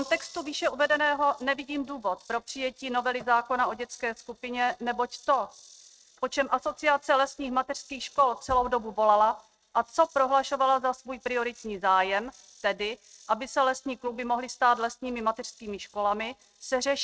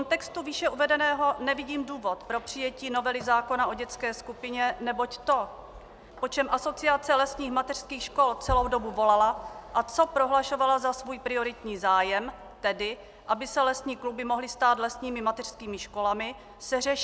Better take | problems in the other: second | noise reduction (neural mask model RNNoise)

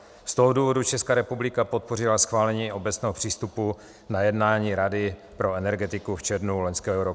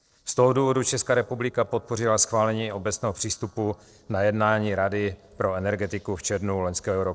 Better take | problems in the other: first | noise reduction (neural separator model SepFormer DNS4)

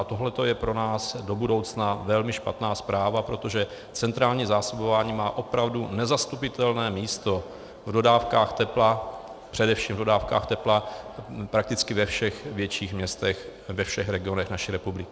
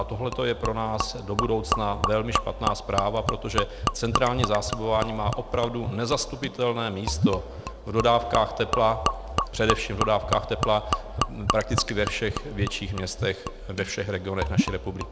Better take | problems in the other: first | background sound (Gurgling / Liquid); 3 dB below the speech

